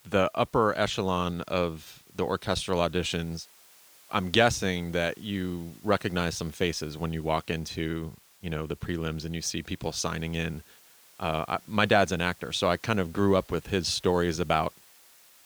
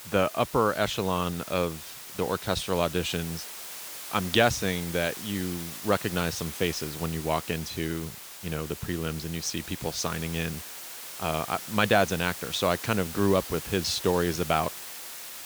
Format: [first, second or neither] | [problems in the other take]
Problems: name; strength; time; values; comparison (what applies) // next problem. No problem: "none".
first | hiss; loud; throughout; 9 dB below the speech; faint in the first